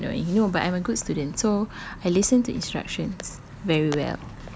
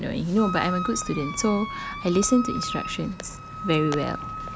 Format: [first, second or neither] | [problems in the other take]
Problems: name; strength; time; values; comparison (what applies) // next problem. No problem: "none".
first | background sound (Wind instrument, woodwind instrument); 8 dB below the speech